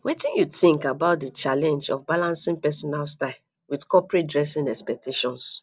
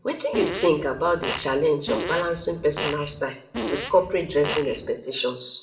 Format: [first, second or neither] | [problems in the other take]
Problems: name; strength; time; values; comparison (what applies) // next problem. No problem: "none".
first | background sound (Fart); 8 dB below the speech // room echo; dies away in 0.8 s